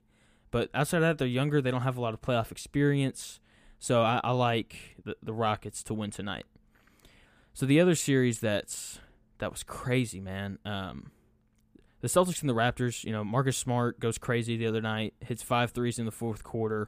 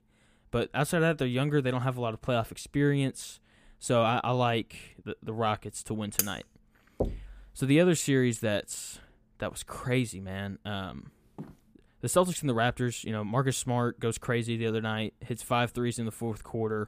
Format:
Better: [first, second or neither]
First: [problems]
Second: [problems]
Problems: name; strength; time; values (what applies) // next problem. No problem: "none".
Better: first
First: none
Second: clattering dishes; very faint; at 6 s; peak 1 dB below the speech // door banging; noticeable; at 7 s; peak 5 dB below the speech // footsteps; faint; at 11 s; peak 15 dB below the speech